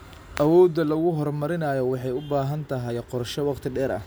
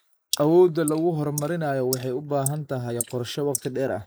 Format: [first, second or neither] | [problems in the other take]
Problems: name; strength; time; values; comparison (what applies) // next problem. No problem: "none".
first | noise reduction (neural mask model Resemble Enhance denoiser)